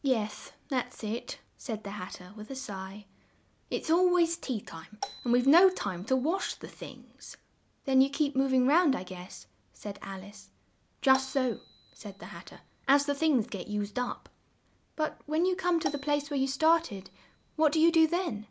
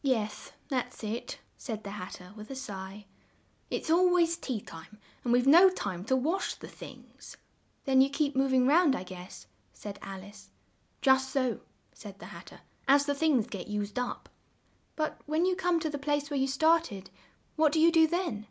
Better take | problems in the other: second | background sound (Marimba, xylophone); 16 dB below the speech

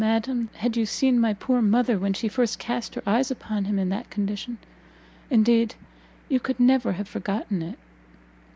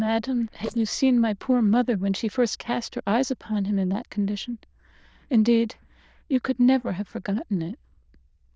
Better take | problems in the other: first | noise reduction (neural diffusion model UNIVERSE++)

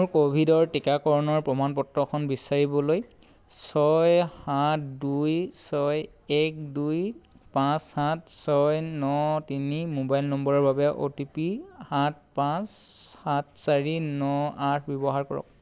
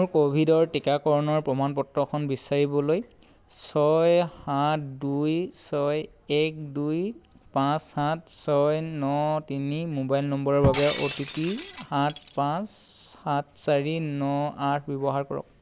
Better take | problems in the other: first | background sound (Shatter); 10 dB below the speech

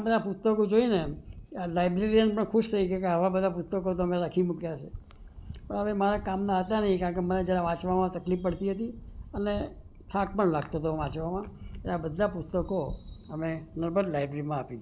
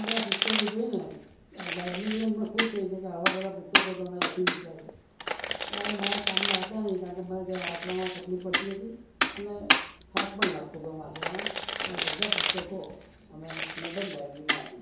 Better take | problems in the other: first | background sound (Domestic sounds, home sounds); 3 dB above the speech // room echo; dies away in 2.8 s

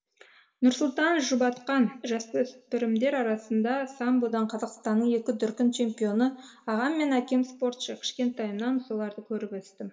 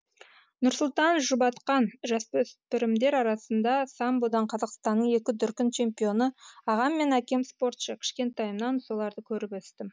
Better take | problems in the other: second | room echo; dies away in 0.7 s

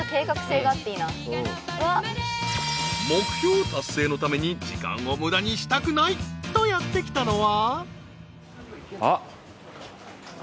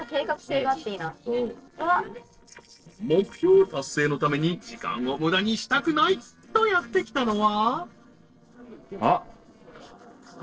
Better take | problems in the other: first | noise reduction (neural separator model SepFormer DNS4)

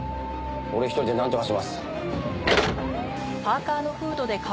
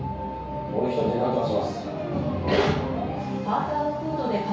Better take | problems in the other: first | room echo; dies away in 0.6 s

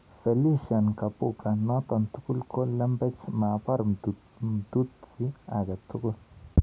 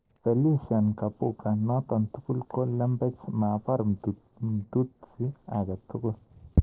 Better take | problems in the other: first | noise reduction (neural separator model SepFormer DNS4)

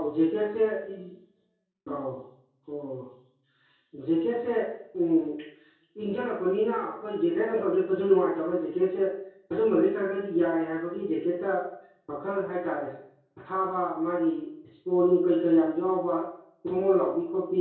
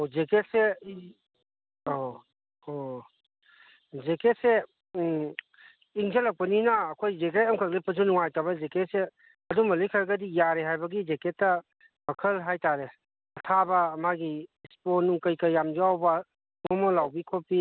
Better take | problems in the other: second | room echo; dies away in 0.6 s

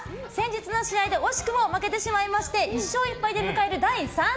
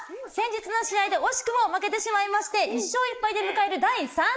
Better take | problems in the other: first | noise reduction (neural mask model Resemble Enhance denoiser)

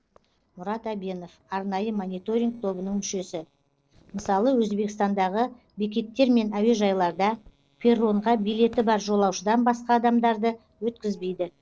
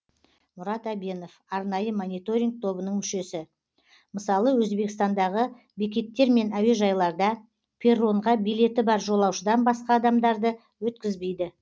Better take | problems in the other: second | noise reduction (neural separator model SepFormer DNS4)

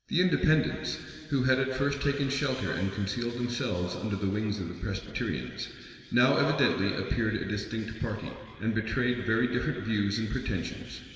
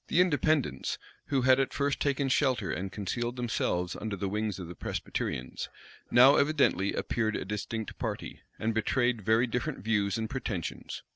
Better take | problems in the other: second | room echo; dies away in 2.5 s

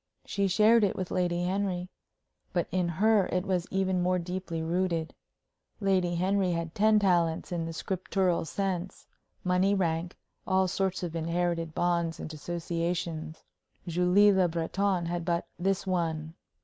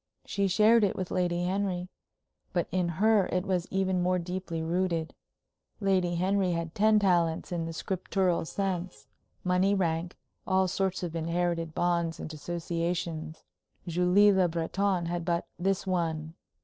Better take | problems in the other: first | noise reduction (neural separator model SepFormer DNS4)

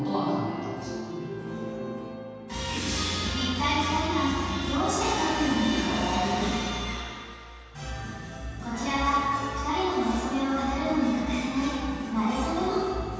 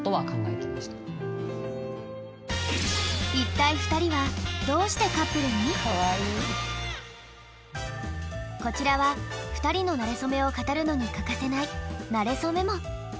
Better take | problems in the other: second | room echo; dies away in 2.1 s

